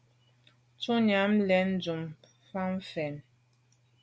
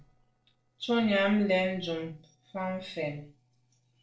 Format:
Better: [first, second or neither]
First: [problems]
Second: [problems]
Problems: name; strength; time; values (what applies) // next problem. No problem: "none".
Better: first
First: none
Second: noise reduction (neural separator model SepFormer DNS4)